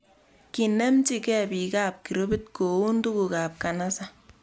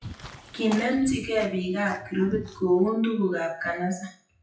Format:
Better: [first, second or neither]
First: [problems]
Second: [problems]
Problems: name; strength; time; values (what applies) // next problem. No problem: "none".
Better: first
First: none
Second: noise reduction (classical method WPE with log-MMSE)